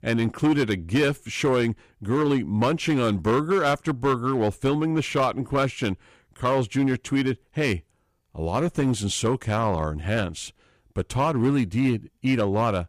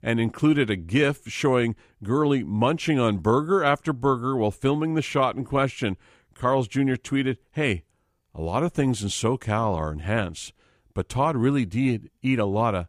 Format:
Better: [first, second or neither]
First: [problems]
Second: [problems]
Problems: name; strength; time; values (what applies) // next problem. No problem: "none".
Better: second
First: distortion; slight; 6% of the sound clipped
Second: none